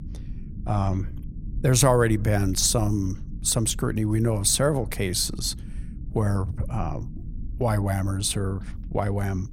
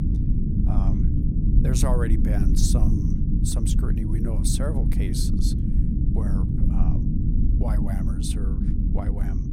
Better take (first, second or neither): first